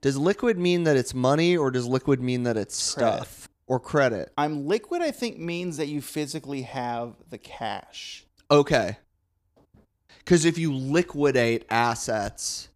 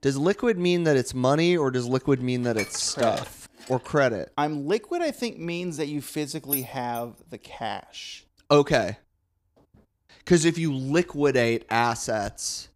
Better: first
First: none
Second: clattering dishes; noticeable; from 2.5 to 4 s; peak 8 dB below the speech // jangling keys; noticeable; at 6.5 s; peak 4 dB below the speech

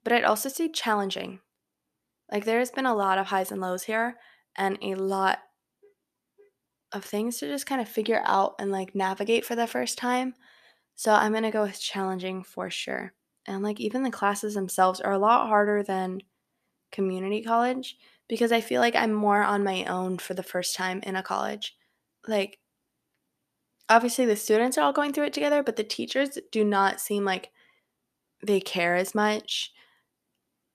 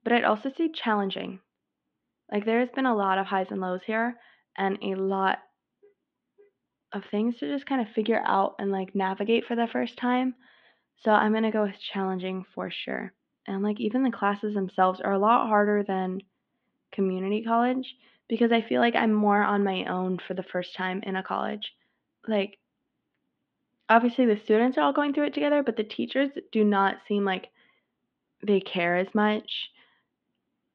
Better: first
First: none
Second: muffled; very; fading above 3.5 kHz

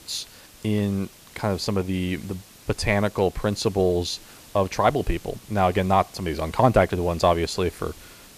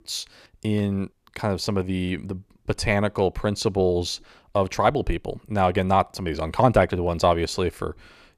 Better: second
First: hiss; faint; throughout; 20 dB below the speech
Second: none

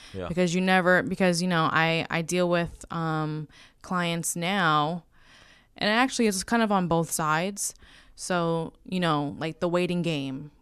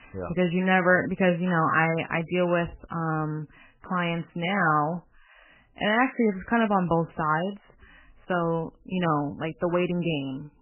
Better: first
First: none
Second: garbled, watery; badly; nothing above 3 kHz

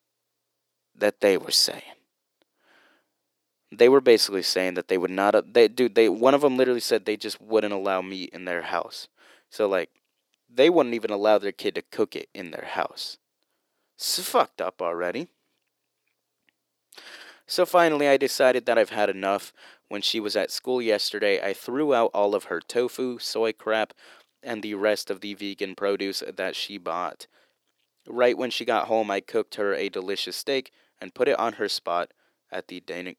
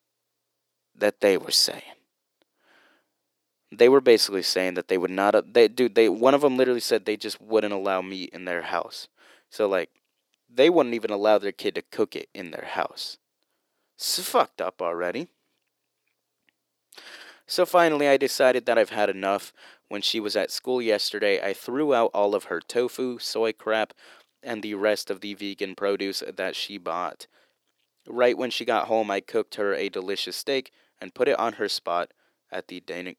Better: neither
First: thin; somewhat; fading below 350 Hz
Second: thin; somewhat; fading below 350 Hz

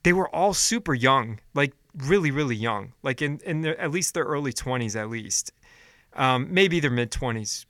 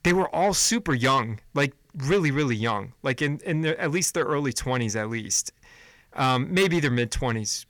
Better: first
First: none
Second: distortion; slight; 10 dB below the speech

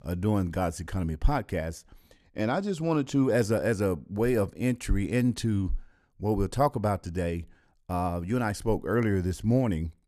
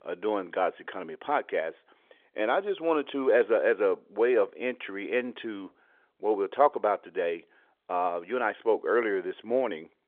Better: first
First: none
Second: phone-call audio; nothing above 3.5 kHz

